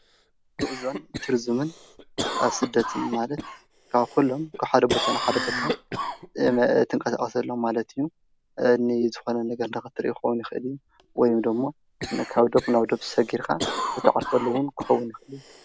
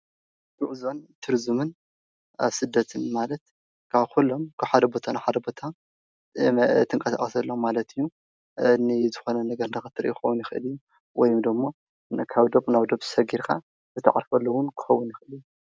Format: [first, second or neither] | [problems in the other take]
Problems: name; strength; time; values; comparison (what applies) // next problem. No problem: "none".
second | background sound (Cough); 9 dB below the speech